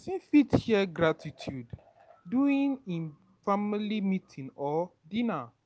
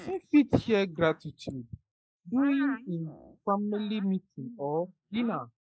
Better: first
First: none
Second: noise reduction (neural mask model Resemble Enhance denoiser)

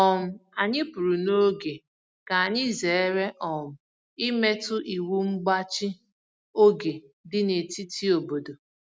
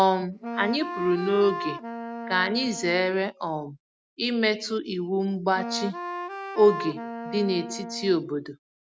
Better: first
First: none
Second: background sound (Wind instrument, woodwind instrument); 8 dB below the speech

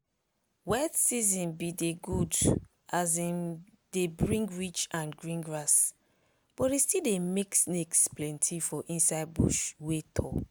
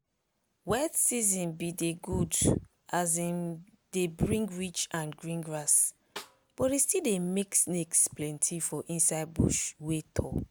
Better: first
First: none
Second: background sound (Snare drum); 20 dB below the speech

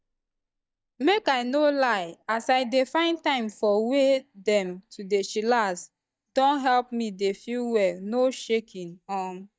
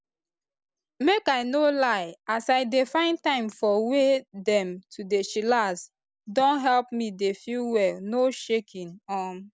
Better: second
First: noise reduction (neural mask model DeepFilterNet 3)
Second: none

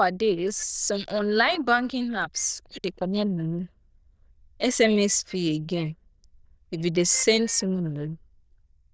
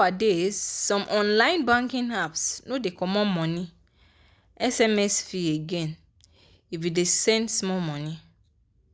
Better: second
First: noise reduction (neural diffusion model UNIVERSE++)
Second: none

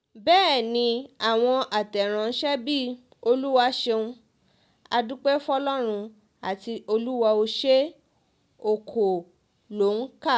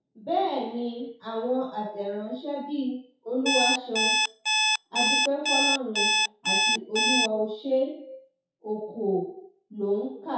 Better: first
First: none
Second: noise reduction (classical method WPE with log-MMSE)

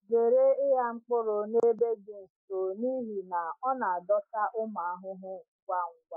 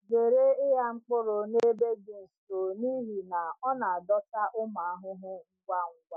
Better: second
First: noise reduction (neural mask model Resemble Enhance denoiser)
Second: none

